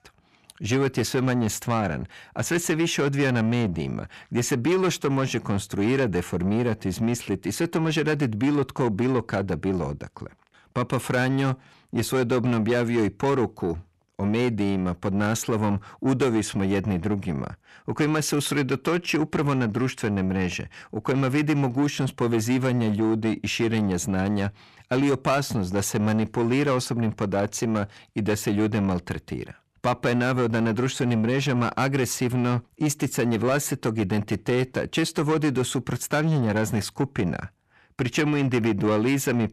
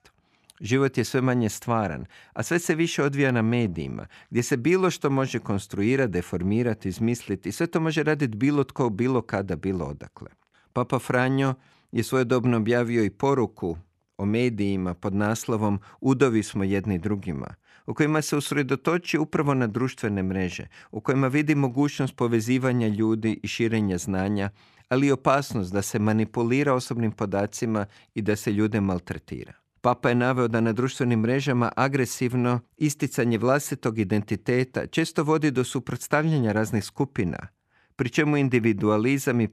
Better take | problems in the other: second | distortion; slight; 10 dB below the speech

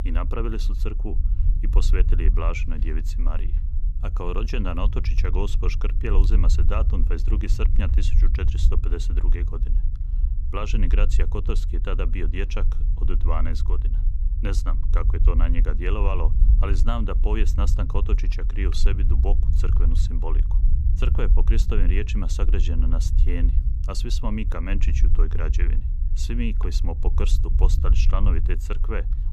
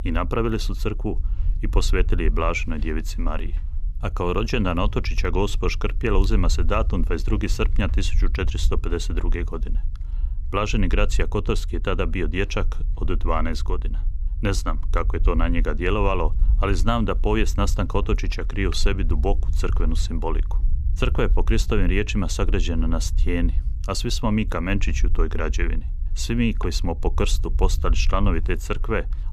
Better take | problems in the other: second | low rumble; loud; throughout; 10 dB below the speech; faint in the second

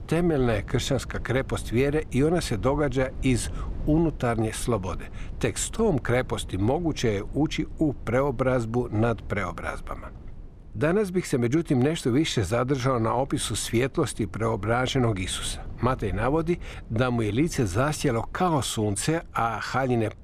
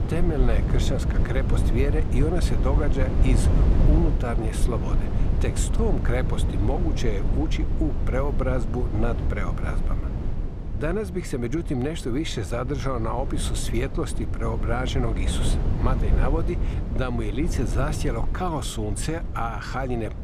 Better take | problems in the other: first | low rumble; loud; throughout; 7 dB below the speech; faint in the first

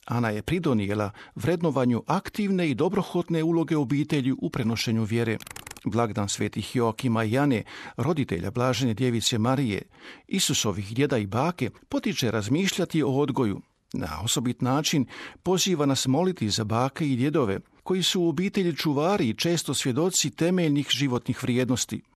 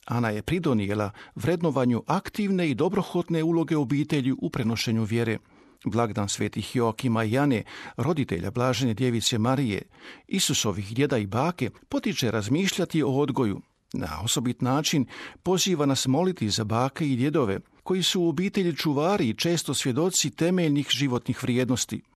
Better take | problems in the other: second | keyboard typing; faint; at 5.5 s; peak 15 dB below the speech

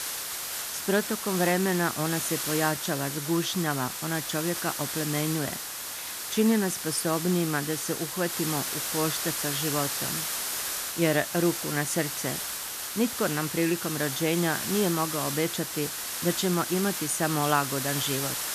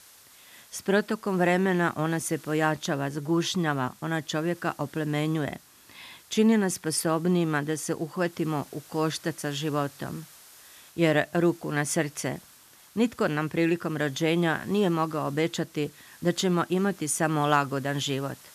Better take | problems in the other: second | hiss; loud; throughout; 2 dB below the speech; faint in the second

